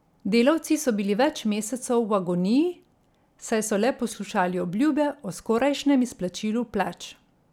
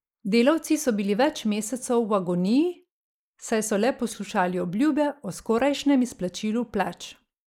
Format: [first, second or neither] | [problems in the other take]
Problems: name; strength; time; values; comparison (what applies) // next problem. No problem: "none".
first | noise reduction (neural mask model Resemble Enhance denoiser)